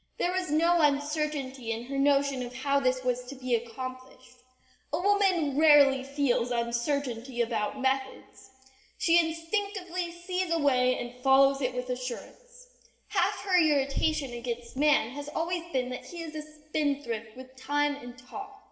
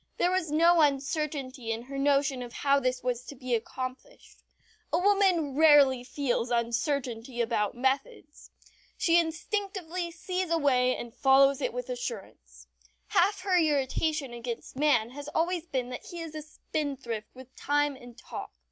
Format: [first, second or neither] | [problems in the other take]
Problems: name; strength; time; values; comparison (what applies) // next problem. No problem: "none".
second | room echo; dies away in 1.8 s